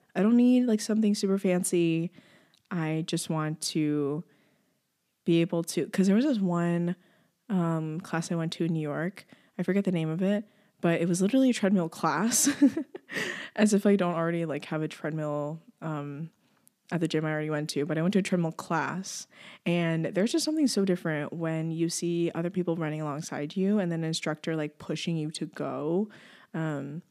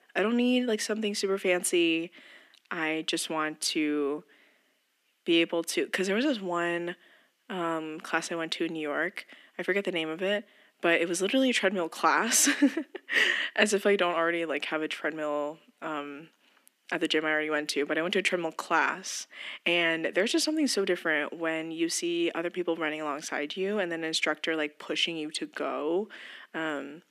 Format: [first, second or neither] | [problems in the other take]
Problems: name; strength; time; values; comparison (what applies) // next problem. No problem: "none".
first | thin; somewhat; fading below 300 Hz